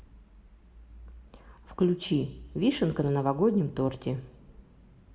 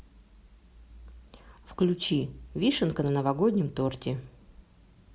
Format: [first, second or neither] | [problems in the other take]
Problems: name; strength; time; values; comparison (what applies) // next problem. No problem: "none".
second | room echo; dies away in 1.1 s